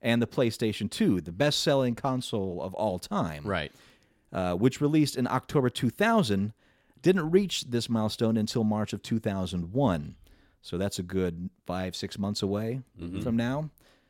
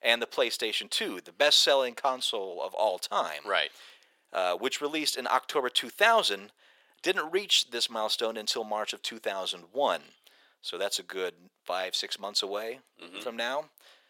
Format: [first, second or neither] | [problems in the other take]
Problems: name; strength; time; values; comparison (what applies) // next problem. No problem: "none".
first | thin; very; fading below 550 Hz